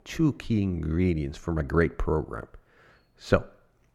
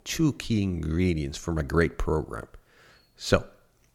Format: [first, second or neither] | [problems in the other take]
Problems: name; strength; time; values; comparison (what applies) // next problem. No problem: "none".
second | muffled; slightly; fading above 3 kHz